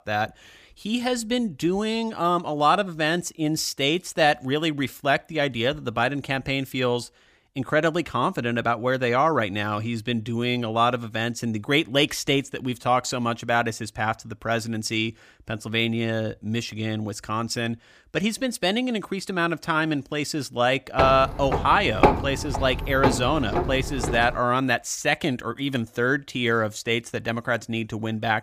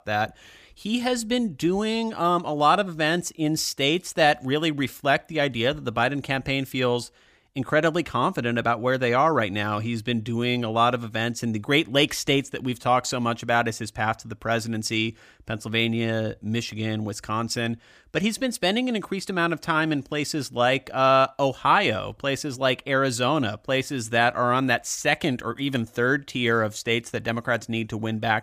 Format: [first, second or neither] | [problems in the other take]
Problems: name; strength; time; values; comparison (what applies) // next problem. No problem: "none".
second | footsteps; loud; from 21 to 24 s; peak 4 dB above the speech